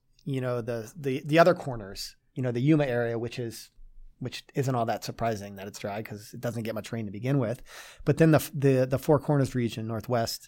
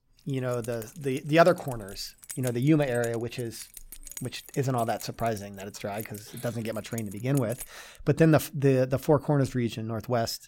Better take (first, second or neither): first